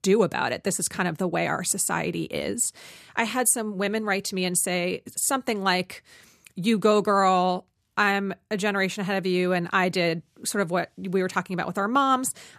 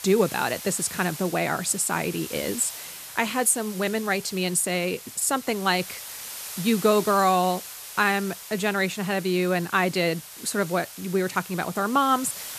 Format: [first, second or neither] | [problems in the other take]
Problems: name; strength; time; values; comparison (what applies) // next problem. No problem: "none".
first | hiss; noticeable; throughout; 10 dB below the speech